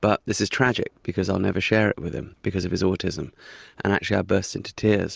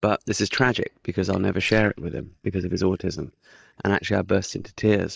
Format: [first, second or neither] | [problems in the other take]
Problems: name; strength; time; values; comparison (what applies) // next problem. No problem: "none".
first | noise reduction (neural mask model DeepFilterNet 3)